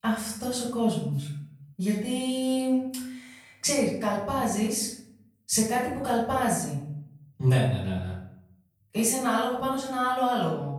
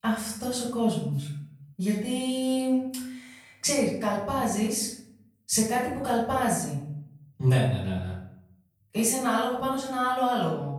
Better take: neither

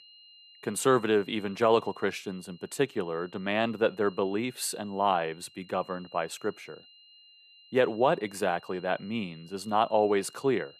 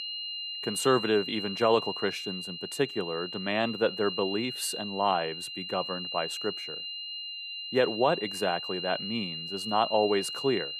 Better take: first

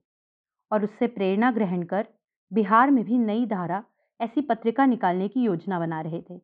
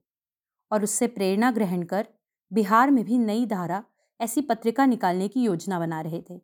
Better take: second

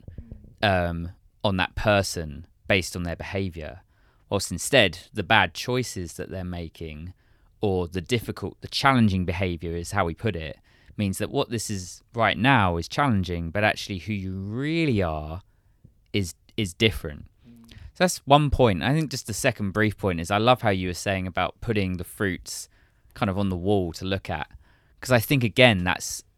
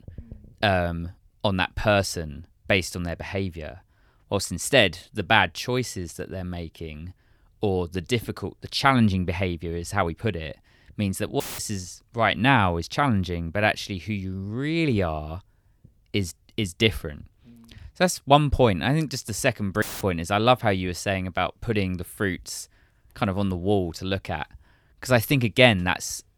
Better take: first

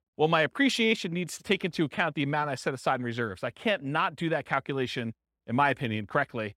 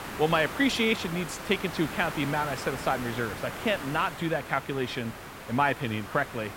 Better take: first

